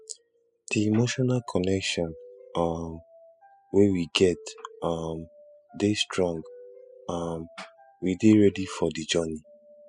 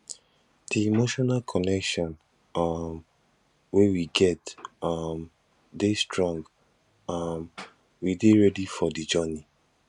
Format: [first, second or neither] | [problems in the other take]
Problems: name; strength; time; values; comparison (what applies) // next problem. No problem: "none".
second | noise reduction (classical method spectral subtraction)